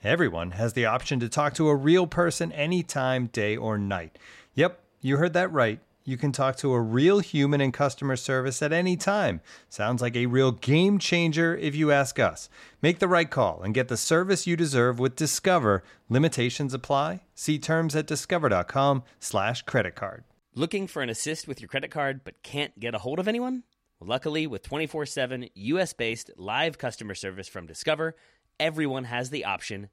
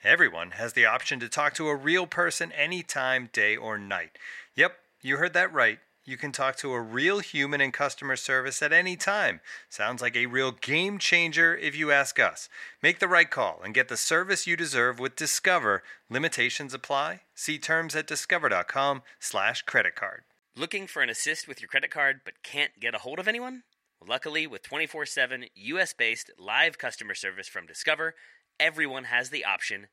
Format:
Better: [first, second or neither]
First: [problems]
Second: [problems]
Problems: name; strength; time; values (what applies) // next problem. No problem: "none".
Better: first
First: none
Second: thin; somewhat; fading below 850 Hz